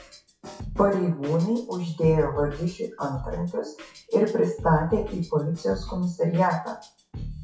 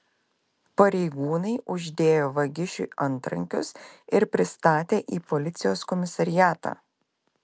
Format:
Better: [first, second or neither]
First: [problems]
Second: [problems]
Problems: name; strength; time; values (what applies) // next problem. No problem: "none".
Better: second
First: noise reduction (classical method WPE with log-MMSE)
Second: none